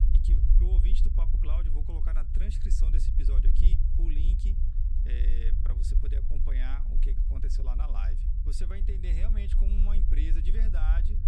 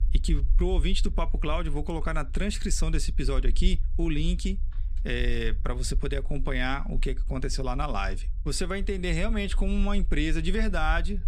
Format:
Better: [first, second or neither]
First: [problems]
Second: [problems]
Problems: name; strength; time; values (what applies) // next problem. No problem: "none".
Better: second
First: low rumble; loud; throughout; 3 dB below the speech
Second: low rumble; faint; throughout; 25 dB below the speech